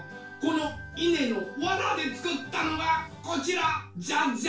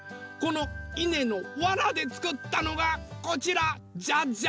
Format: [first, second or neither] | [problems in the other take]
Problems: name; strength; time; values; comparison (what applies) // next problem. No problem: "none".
second | room echo; dies away in 0.3 s